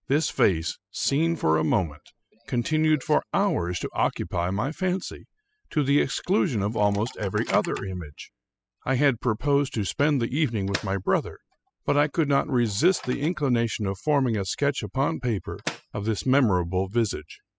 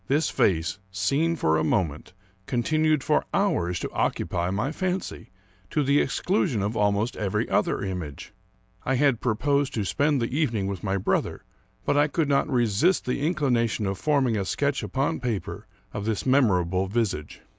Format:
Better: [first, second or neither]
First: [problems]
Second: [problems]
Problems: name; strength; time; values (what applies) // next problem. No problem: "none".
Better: second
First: noise reduction (classical method spectral subtraction)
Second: none